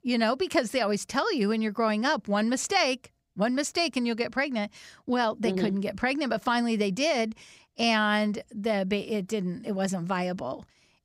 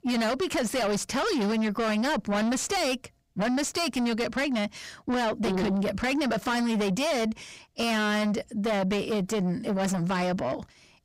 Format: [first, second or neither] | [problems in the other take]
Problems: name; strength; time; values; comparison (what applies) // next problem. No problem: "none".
first | distortion; heavy; 6 dB below the speech